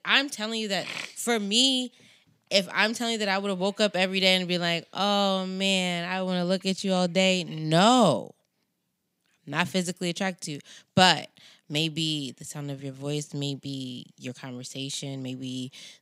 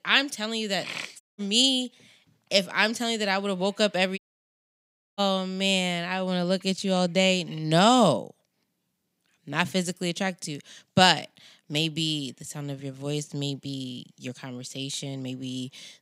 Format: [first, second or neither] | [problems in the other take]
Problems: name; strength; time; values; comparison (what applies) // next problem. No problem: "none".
first | audio cutting out; at 1 s and at 4 s for 1 s